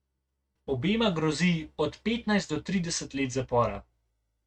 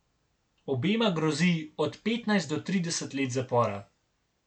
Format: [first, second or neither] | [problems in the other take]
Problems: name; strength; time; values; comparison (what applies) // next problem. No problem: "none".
second | noise reduction (neural mask model RNNoise)